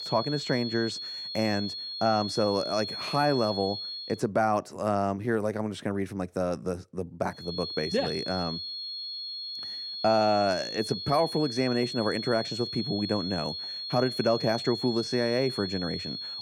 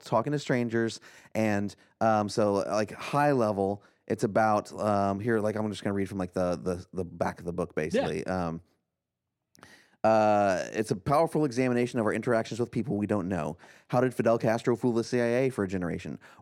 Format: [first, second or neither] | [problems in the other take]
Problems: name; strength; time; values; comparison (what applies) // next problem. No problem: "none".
second | high-pitched whine; loud; until 4 s and from 7.5 s on; 4.5 kHz, 5 dB below the speech